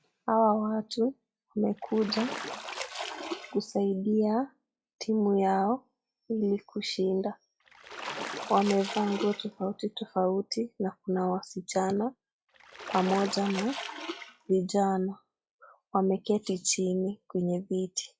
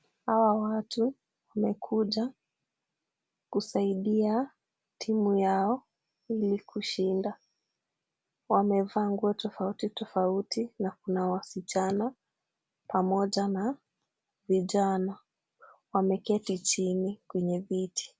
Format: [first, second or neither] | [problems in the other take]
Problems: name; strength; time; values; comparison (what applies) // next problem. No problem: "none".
second | noise reduction (classical method log-MMSE)